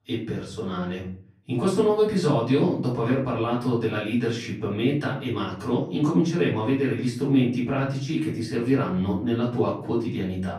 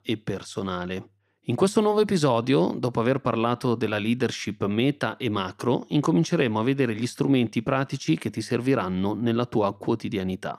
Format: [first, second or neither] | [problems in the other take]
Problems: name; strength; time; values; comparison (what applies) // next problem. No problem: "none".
second | off-mic speech; far // room echo; slight; dies away in 0.5 s